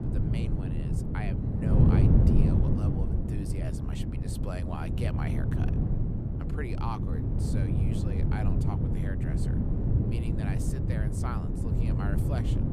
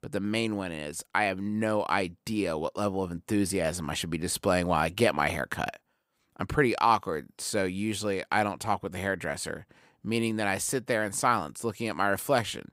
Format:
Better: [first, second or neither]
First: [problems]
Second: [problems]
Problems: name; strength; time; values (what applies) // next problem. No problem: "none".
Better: second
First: wind noise on the microphone; heavy; 4 dB above the speech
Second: none